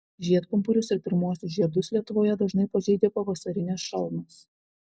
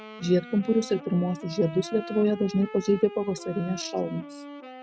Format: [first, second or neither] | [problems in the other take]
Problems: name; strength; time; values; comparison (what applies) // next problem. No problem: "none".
first | background sound (Wind instrument, woodwind instrument); 14 dB below the speech